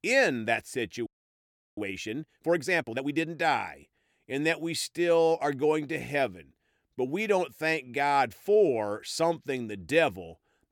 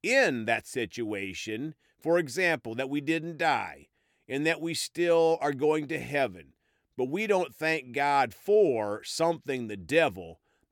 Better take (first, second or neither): second